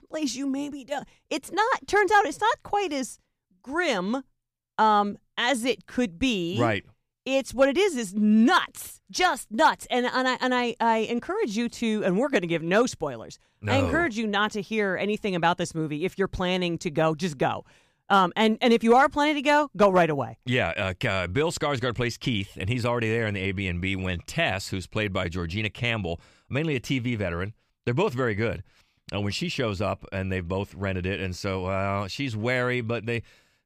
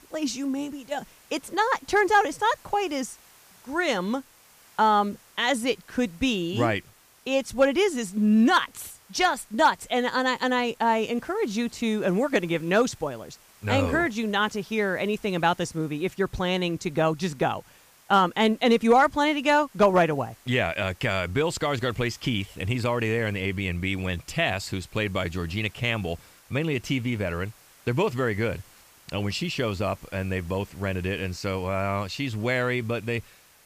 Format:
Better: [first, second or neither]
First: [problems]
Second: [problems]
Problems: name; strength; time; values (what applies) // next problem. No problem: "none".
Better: first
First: none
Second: hiss; faint; throughout; 25 dB below the speech